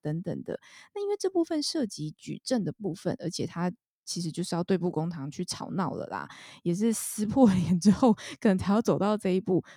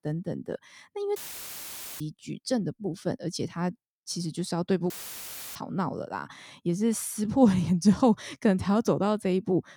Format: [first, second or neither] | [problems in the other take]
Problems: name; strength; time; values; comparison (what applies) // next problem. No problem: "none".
first | audio cutting out; filled with static; at 1 s for 1 s and at 5 s for 0.5 s